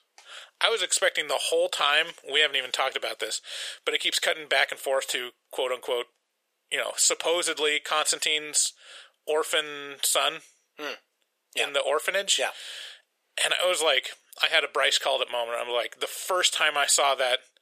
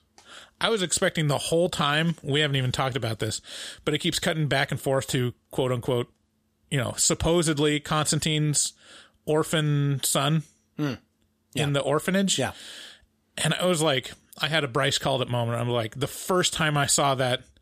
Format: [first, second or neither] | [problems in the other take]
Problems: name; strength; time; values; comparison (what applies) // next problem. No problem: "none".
second | thin; very; fading below 500 Hz